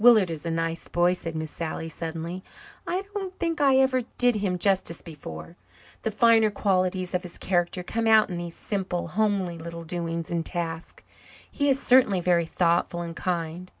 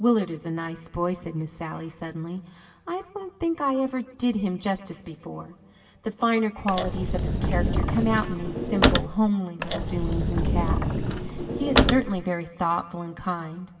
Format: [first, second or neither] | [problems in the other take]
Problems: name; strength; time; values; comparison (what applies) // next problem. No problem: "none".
first | background sound (Sliding door / Slam / Wood); 4 dB above the speech // room echo; dies away in 2.4 s